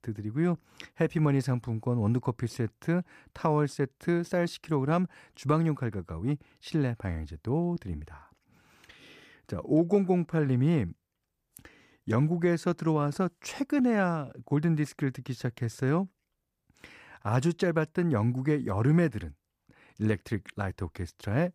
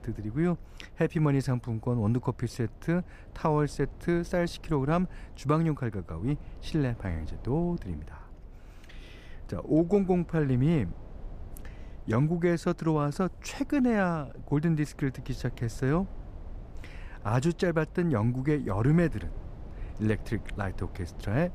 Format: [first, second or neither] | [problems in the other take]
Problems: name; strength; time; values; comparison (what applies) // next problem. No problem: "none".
first | low rumble; faint; throughout; 25 dB below the speech